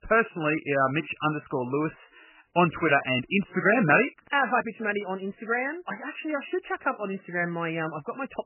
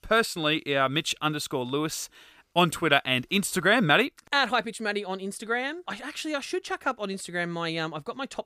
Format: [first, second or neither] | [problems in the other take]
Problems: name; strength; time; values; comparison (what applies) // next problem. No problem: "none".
second | garbled, watery; badly; nothing above 3 kHz